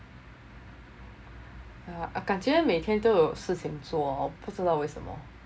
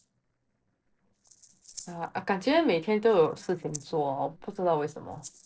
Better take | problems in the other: first | noise reduction (neural separator model SepFormer DNS4)

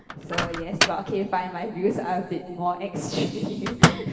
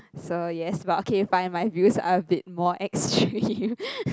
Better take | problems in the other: second | background sound (Microwave oven); as loud as the speech // room echo; dies away in 2 s

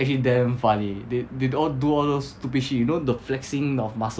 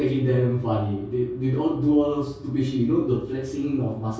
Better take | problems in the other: first | room echo; dies away in 0.6 s

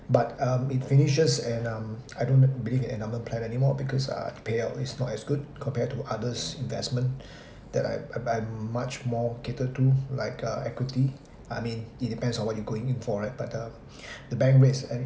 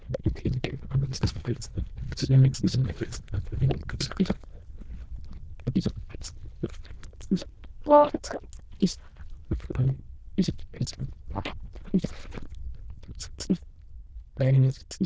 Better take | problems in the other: first | noise reduction (neural diffusion model UNIVERSE++)

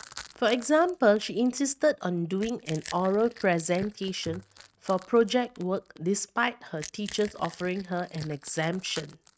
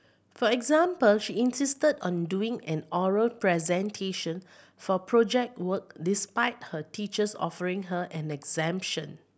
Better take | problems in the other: second | noise reduction (neural mask model RNNoise)

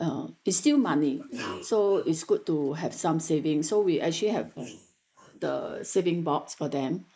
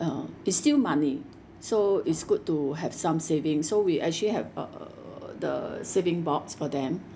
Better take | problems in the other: second | noise reduction (neural mask model Resemble Enhance denoiser)

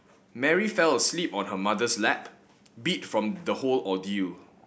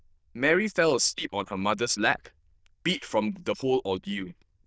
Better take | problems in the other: first | noise reduction (neural diffusion model UNIVERSE++)

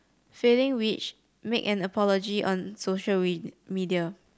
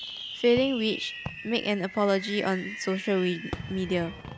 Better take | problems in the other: first | background sound (Fireworks); 11 dB below the speech

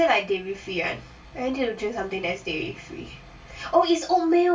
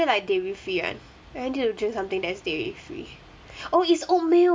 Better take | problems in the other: second | room echo; dies away in 0.2 s

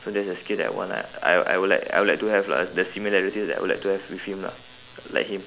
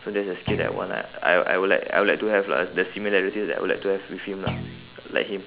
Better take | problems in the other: first | background sound (Thump, thud); 8 dB below the speech

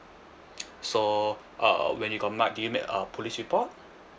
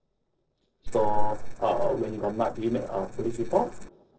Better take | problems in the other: first | noise reduction (neural separator model SepFormer DNS4)

